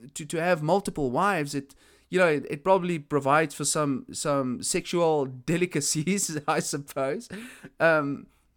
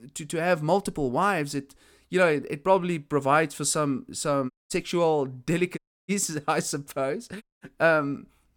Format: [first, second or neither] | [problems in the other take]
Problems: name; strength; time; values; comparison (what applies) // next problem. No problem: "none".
first | audio cutting out; at 4.5 s, at 6 s and at 7.5 s